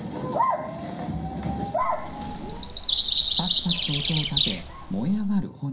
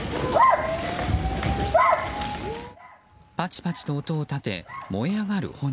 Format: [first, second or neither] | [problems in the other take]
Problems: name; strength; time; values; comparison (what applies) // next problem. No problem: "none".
second | background sound (Bird vocalization, bird call, bird song); 1 dB above the speech // room echo; dies away in 0.3 s